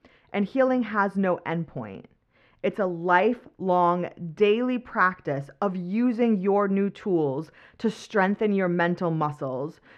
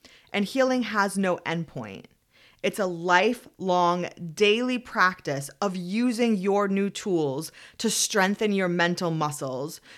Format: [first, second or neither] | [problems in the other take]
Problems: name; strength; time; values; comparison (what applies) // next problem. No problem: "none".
second | muffled; very; fading above 4 kHz